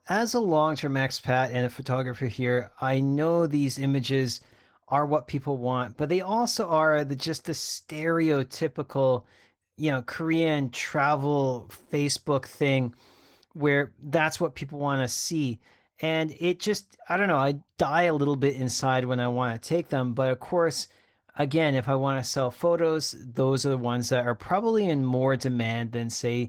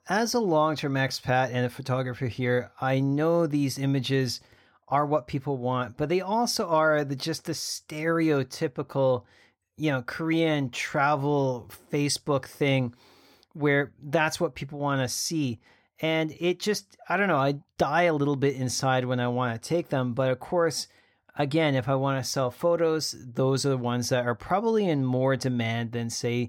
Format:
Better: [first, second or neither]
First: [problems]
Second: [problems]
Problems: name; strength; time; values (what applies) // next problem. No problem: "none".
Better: second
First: garbled, watery; slightly; nothing above 17.5 kHz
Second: none